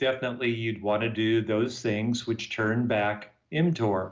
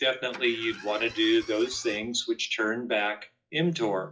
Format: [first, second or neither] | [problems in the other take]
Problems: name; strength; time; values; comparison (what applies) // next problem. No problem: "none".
first | noise reduction (classical method WPE with log-MMSE)